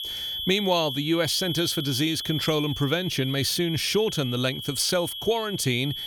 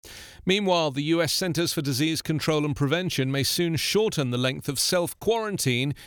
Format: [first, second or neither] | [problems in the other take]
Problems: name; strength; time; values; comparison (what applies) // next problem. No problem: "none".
second | high-pitched whine; loud; throughout; 3.5 kHz, 6 dB below the speech